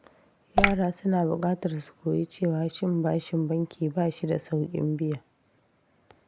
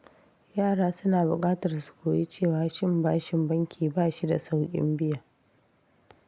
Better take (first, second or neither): second